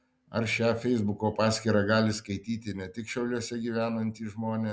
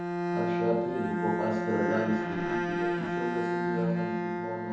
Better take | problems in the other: first | background sound (Bowed string instrument); 3 dB above the speech // room echo; dies away in 0.6 s

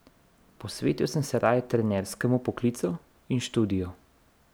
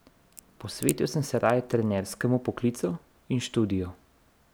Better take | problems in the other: first | background sound (Crack); 14 dB below the speech

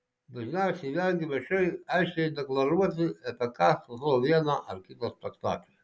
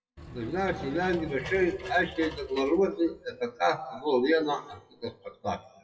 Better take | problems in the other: first | noise reduction (classical method WPE with log-MMSE)

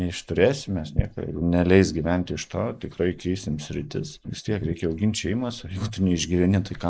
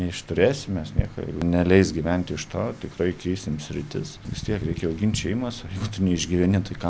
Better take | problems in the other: second | noise reduction (neural mask model Resemble Enhance denoiser)

